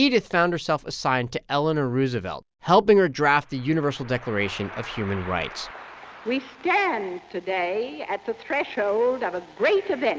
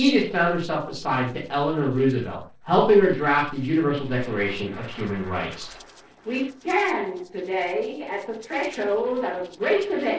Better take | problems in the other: first | noise reduction (neural separator model SepFormer DNS4)

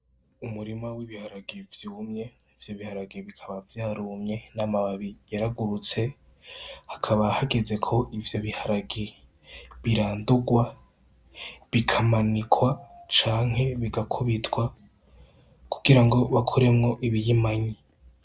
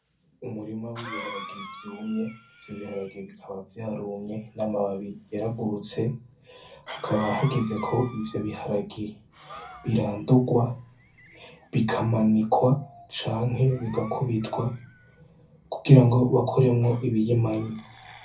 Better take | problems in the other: first | background sound (Cough); 20 dB below the speech // room echo; dies away in 0.3 s

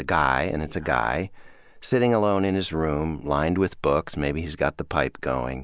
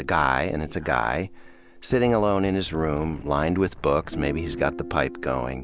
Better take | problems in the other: first | background sound (Guitar + Wind); 14 dB below the speech

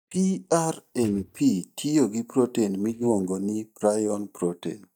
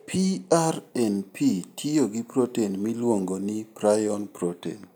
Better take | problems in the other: second | noise reduction (neural mask model DeepFilterNet 3)

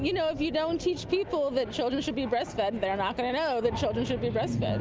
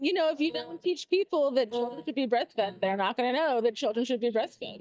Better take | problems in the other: first | noise reduction (neural mask model DeepFilterNet 3)

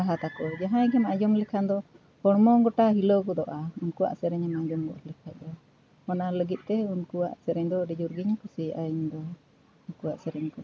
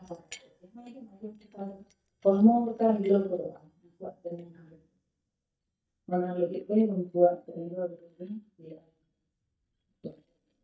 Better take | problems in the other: first | noise reduction (neural mask model DeepFilterNet 3)

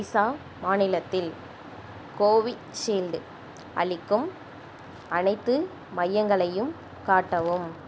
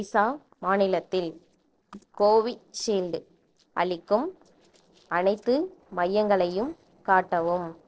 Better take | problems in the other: first | noise reduction (neural separator model SepFormer DNS4)

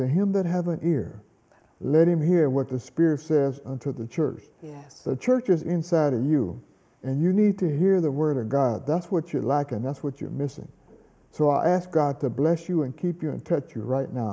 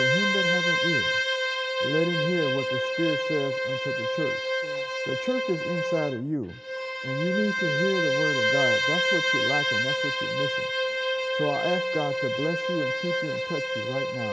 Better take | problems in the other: first | background sound (Bowed string instrument); 4 dB above the speech

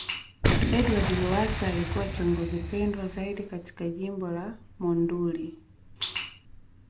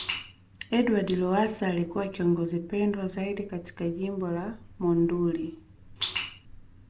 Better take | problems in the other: second | background sound (Boom); 2 dB below the speech

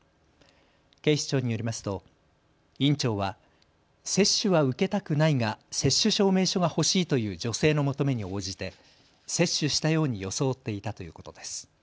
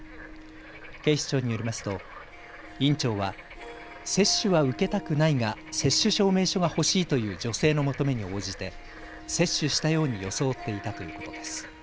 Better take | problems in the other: first | background sound (Harp + Bird / Frog); 15 dB below the speech

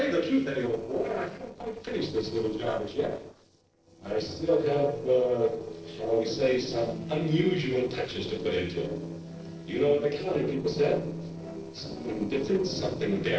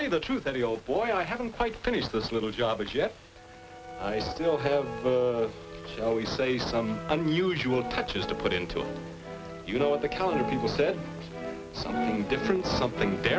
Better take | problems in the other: second | noise reduction (neural separator model SepFormer DNS4)

